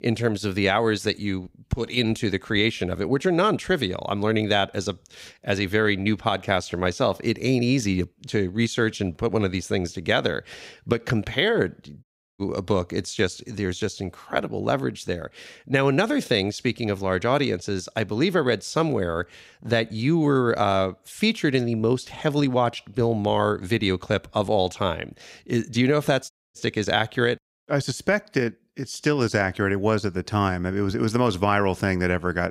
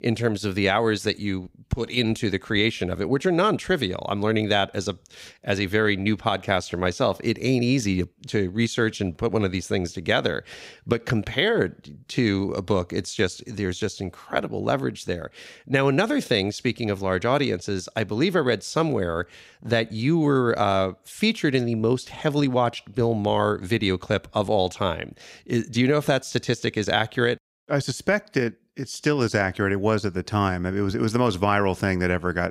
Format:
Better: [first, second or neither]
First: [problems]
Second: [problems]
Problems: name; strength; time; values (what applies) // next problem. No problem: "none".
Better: second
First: audio cutting out; at 12 s and at 26 s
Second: none